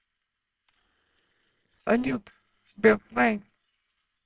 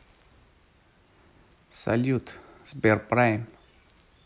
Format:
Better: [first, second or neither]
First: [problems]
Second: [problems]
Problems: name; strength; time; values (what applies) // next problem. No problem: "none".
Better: second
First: noise reduction (neural separator model SepFormer WHAMR!)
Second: none